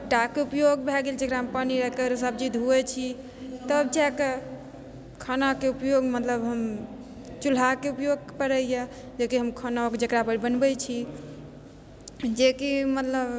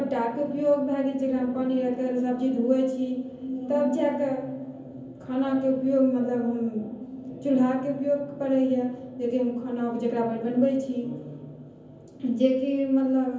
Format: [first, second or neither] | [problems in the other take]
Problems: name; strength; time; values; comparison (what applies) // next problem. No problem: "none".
first | room echo; dies away in 0.7 s